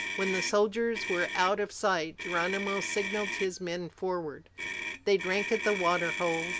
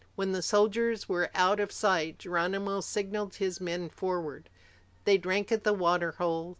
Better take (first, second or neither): second